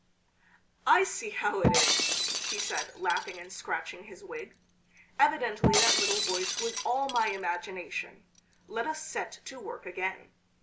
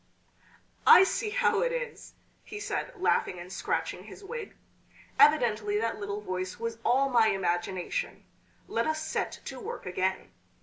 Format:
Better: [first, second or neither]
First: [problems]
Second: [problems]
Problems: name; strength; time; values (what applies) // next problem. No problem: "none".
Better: second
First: background sound (Shatter); 1 dB above the speech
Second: none